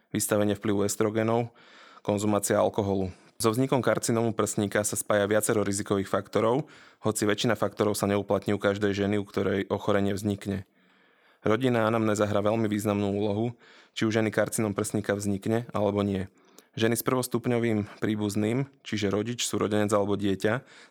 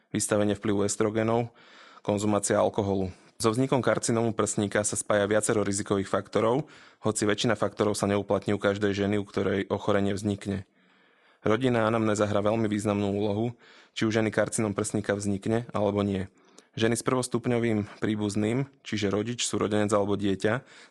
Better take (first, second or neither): first